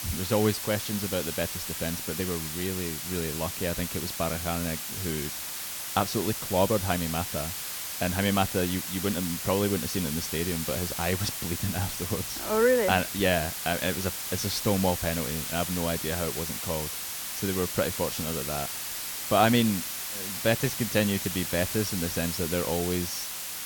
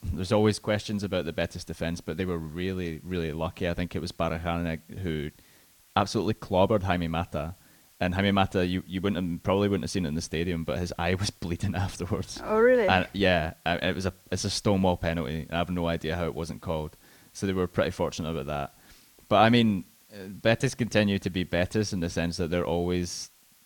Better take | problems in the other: second | hiss; loud; throughout; 3 dB below the speech; faint in the second

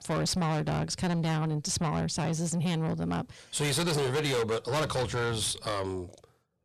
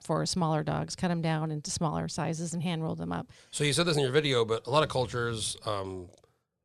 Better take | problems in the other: second | distortion; heavy; 6 dB below the speech

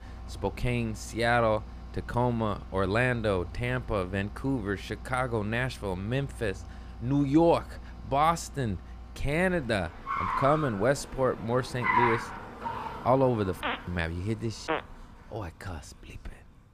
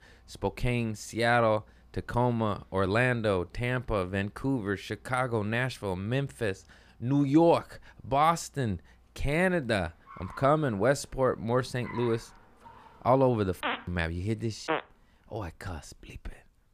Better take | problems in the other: second | traffic noise; loud; throughout; 9 dB below the speech; faint in the second

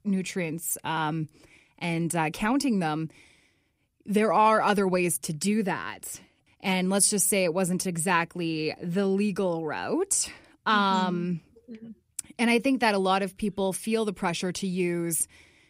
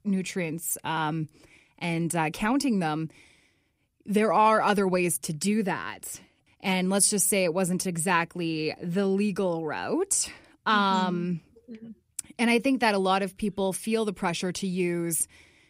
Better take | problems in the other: neither | none

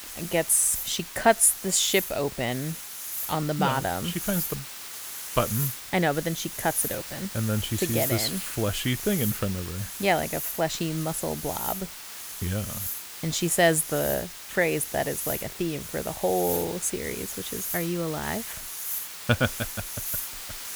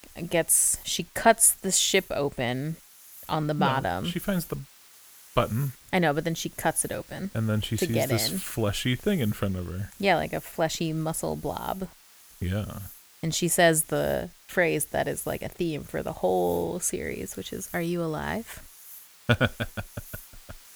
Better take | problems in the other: second | hiss; loud; throughout; 6 dB below the speech; faint in the second

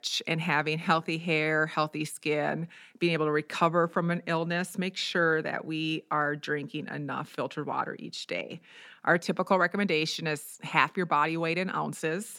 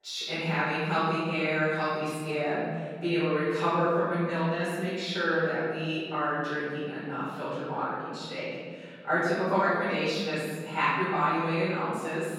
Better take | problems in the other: first | room echo; strong; dies away in 1.8 s // off-mic speech; far

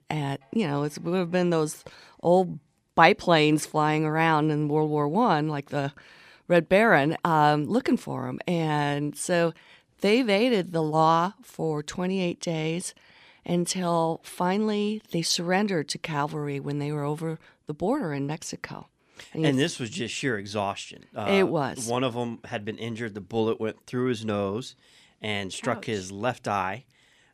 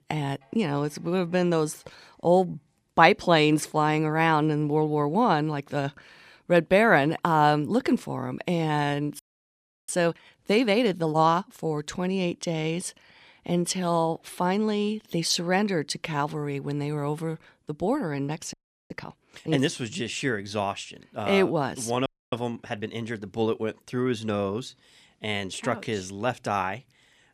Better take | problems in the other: first | audio freezing; at 9 s for 0.5 s, at 19 s and at 22 s

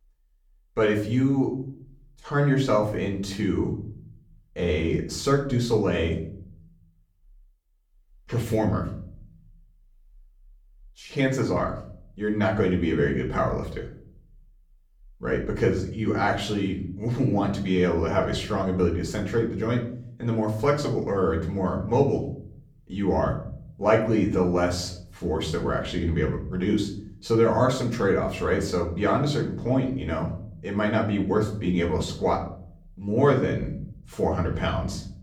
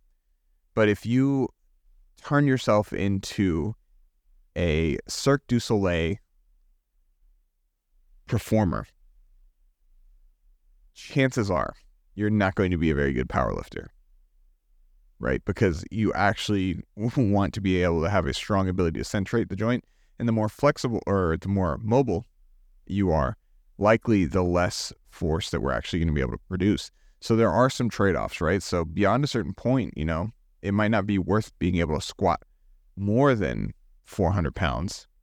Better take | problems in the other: second | off-mic speech; far // room echo; slight; dies away in 0.5 s

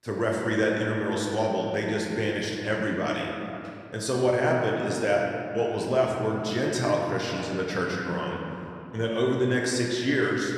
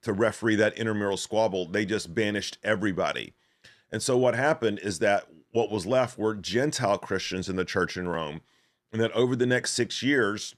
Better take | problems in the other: second | room echo; noticeable; dies away in 2.5 s // off-mic speech; somewhat distant

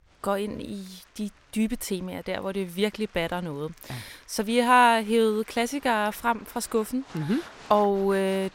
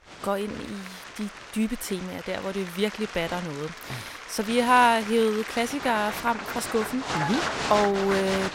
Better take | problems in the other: first | crowd noise; loud; throughout; 7 dB below the speech; faint in the first

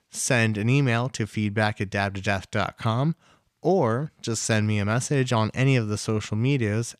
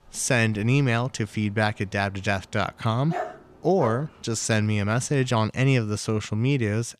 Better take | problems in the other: first | dog barking; noticeable; until 4 s; peak 8 dB below the speech

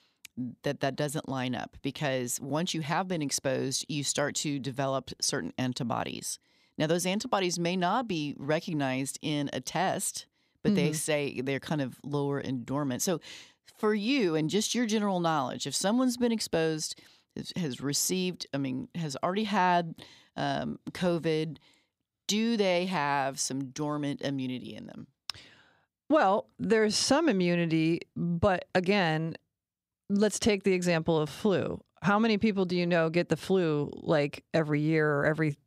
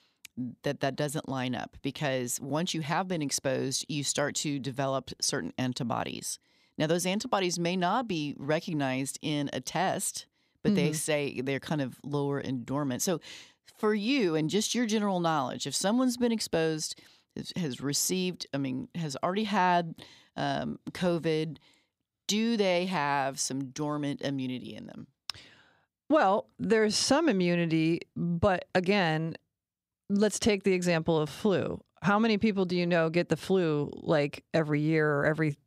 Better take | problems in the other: neither | none

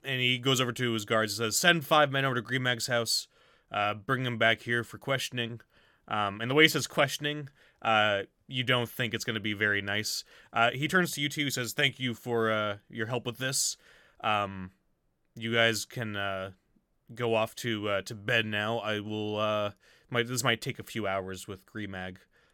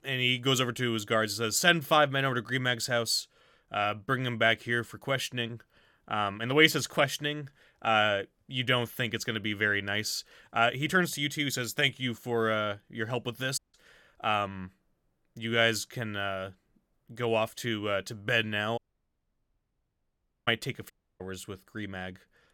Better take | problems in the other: first | audio cutting out; at 14 s, at 19 s for 1.5 s and at 21 s

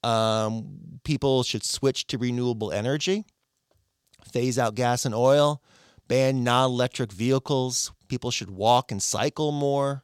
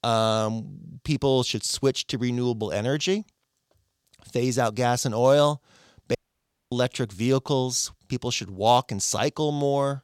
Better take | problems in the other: first | audio cutting out; at 6 s for 0.5 s

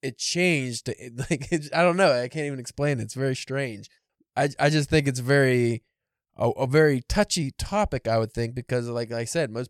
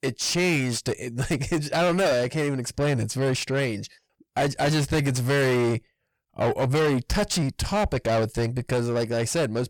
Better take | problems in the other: first | distortion; heavy; 6 dB below the speech

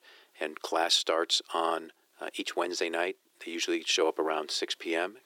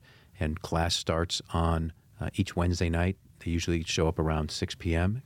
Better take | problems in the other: second | thin; very; fading below 350 Hz

